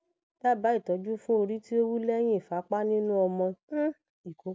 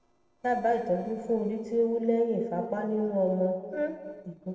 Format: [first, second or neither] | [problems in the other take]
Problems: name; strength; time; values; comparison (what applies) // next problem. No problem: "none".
first | noise reduction (neural separator model SepFormer DNS4)